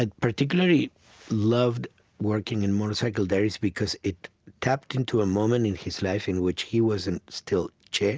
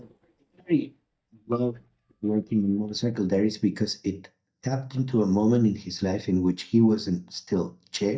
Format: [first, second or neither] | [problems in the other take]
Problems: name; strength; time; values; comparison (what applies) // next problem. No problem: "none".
first | noise reduction (neural mask model DeepFilterNet 3)